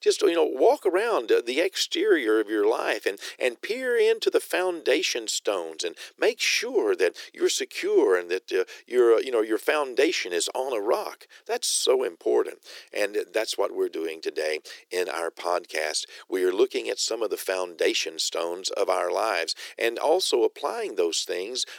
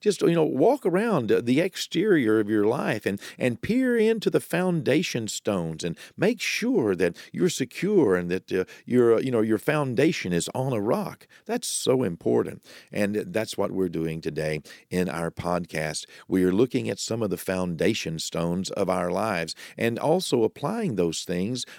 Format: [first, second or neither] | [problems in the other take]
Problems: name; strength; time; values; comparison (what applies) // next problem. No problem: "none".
second | thin; very; fading below 350 Hz